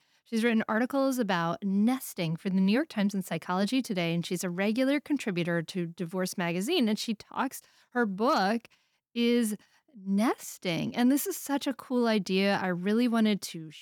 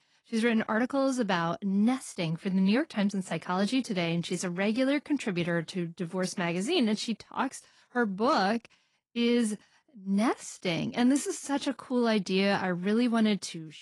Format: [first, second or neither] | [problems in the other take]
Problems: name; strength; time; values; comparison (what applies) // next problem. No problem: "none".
first | garbled, watery; slightly; nothing above 10.5 kHz